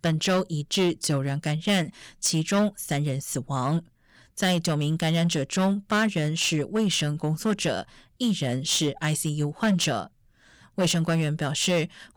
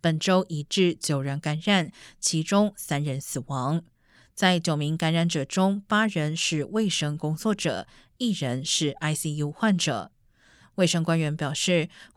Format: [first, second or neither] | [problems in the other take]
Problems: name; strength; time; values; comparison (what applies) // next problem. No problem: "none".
second | distortion; slight; 7% of the sound clipped